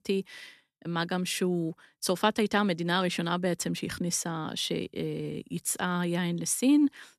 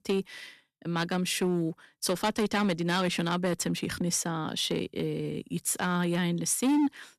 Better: first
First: none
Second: distortion; slight; 6% of the sound clipped

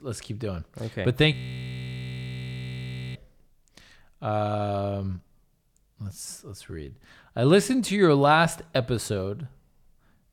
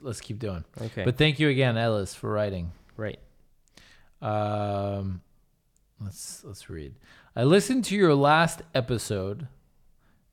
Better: second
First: audio freezing; at 1.5 s for 2 s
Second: none

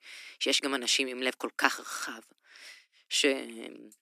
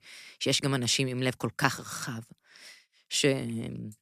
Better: second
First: thin; very slightly; fading below 300 Hz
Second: none

